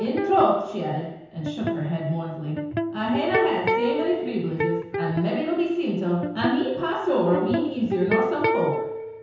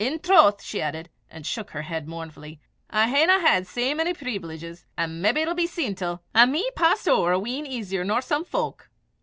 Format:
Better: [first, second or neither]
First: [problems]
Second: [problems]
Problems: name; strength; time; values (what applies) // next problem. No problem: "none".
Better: second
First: background sound (Electric guitar); 4 dB below the speech // room echo; dies away in 0.9 s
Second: none